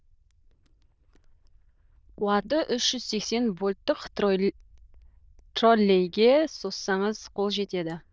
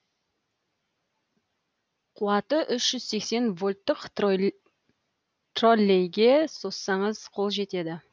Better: second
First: noise reduction (neural diffusion model UNIVERSE++)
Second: none

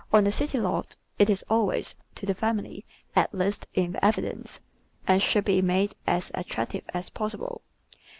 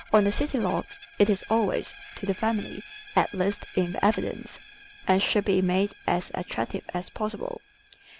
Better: first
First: none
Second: background sound (Screech); 20 dB below the speech

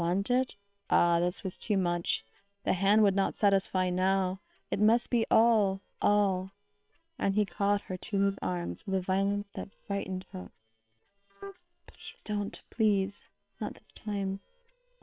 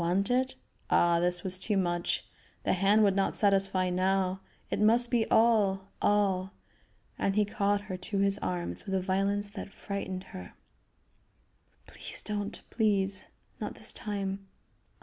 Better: second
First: noise reduction (neural separator model SepFormer WHAM!)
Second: none

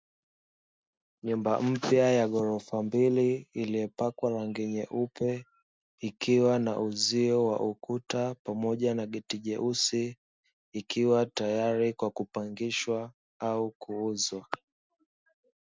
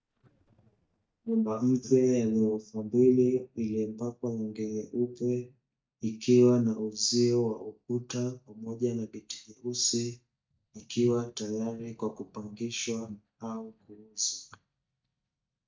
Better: first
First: none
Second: noise reduction (neural mask model DeepFilterNet 3)

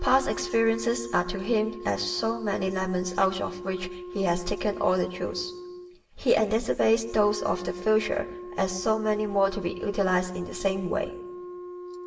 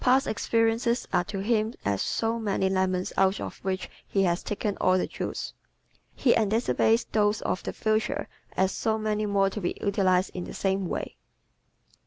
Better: second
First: background sound (Wind instrument, woodwind instrument); 12 dB below the speech // room echo; dies away in 0.8 s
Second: none

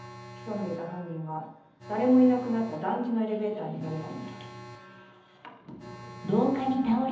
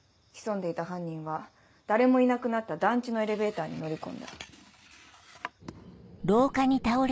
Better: second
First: background sound (Alarm); 17 dB below the speech // room echo; dies away in 1.3 s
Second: none

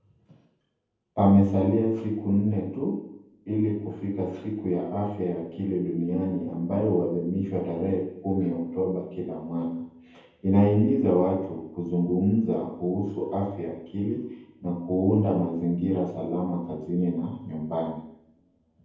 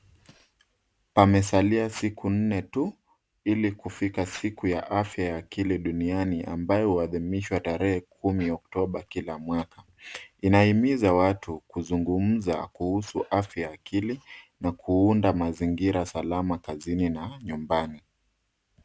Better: second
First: room echo; dies away in 0.9 s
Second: none

